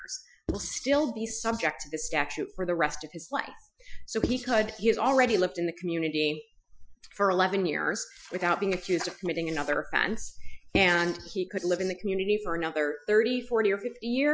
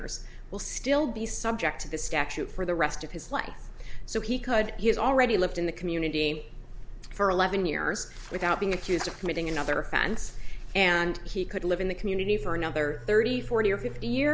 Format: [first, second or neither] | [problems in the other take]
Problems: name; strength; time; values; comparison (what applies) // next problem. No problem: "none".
second | noise reduction (classical method Wiener filter)